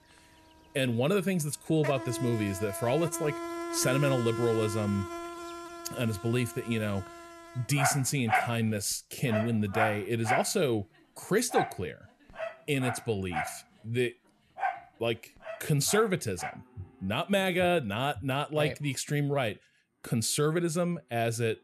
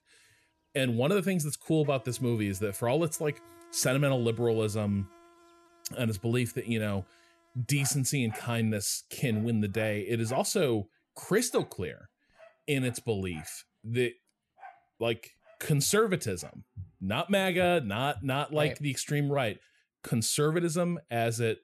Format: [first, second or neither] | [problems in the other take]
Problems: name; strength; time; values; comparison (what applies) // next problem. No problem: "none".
second | animal sounds; loud; throughout; 6 dB below the speech; faint in the second